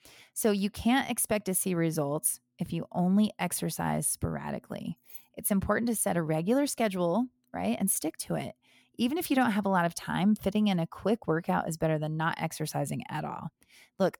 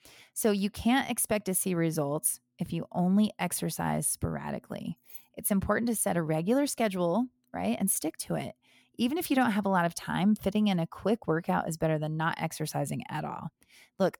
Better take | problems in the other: neither | jangling keys; faint; at 5 s; peak 15 dB below the speech; the same in both

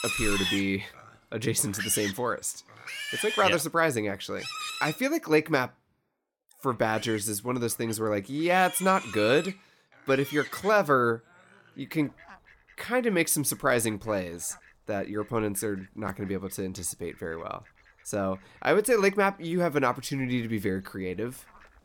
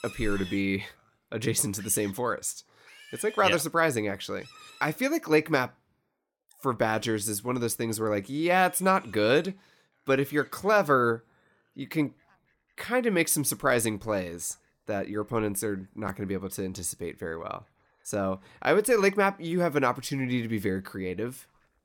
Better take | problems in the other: second | animal sounds; loud; throughout; 7 dB below the speech; faint in the second

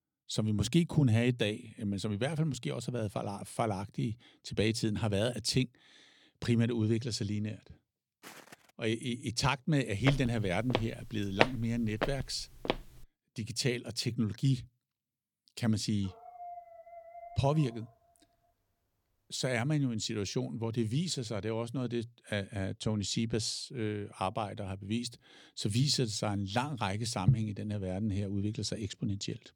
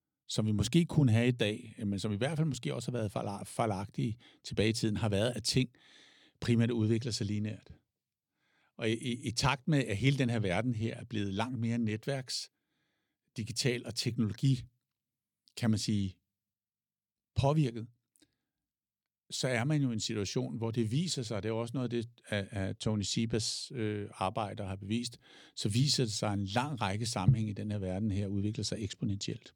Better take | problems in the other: second | footsteps; faint; at 8 s; peak 15 dB below the speech // footsteps; loud; from 10 to 13 s; peak 3 dB above the speech // dog barking; faint; from 16 to 18 s; peak 15 dB below the speech

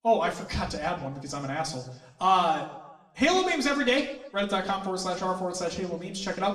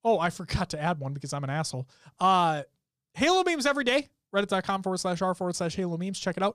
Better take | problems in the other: second | room echo; slight; dies away in 0.7 s // off-mic speech; far

